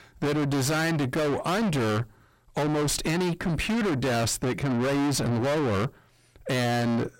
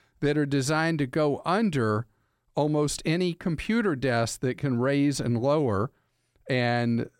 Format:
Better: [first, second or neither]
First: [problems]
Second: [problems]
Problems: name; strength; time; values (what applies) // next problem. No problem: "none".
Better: second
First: distortion; heavy; 6 dB below the speech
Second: none